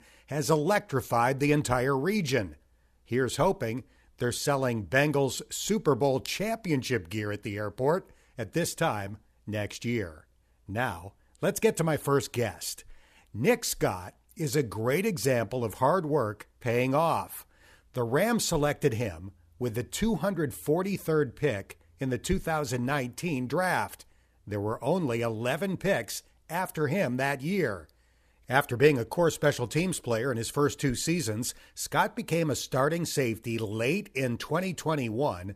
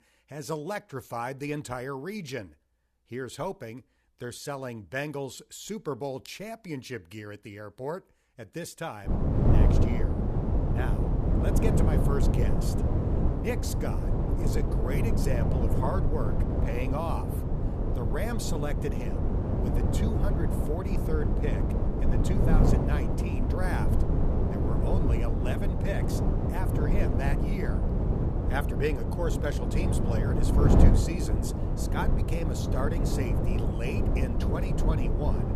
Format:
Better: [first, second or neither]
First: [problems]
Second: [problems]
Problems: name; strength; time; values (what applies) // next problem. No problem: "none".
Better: first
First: none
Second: wind noise on the microphone; heavy; from 9 s on; 1 dB above the speech